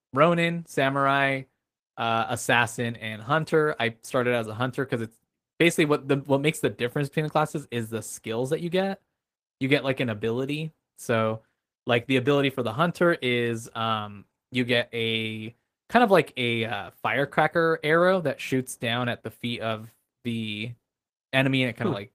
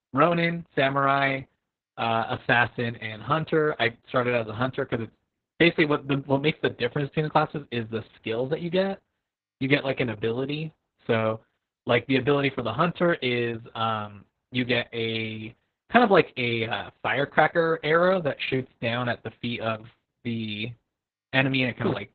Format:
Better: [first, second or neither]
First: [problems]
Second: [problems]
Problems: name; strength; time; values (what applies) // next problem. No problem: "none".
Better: first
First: garbled, watery; slightly; nothing above 15 kHz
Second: garbled, watery; badly; nothing above 4 kHz